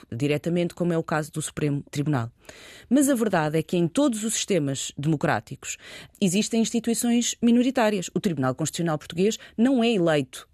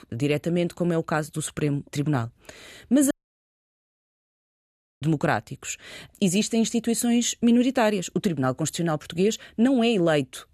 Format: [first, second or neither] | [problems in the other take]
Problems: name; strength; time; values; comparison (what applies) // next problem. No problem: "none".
first | audio cutting out; at 3 s for 2 s